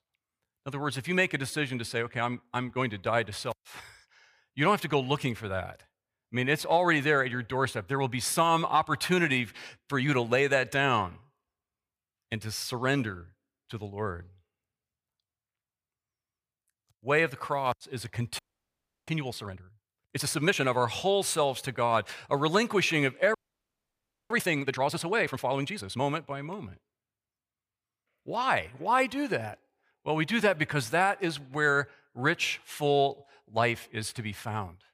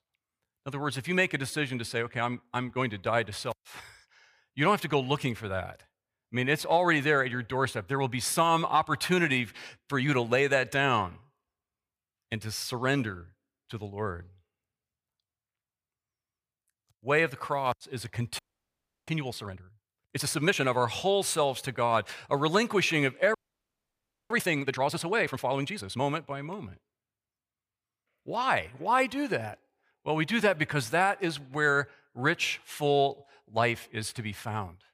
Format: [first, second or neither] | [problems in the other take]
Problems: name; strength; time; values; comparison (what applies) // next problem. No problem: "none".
neither | audio freezing; at 18 s for 0.5 s and at 23 s for 1 s; the same in both